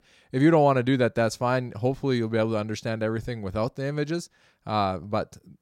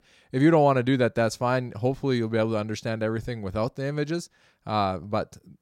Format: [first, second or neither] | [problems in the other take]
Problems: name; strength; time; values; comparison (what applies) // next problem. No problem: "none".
neither | none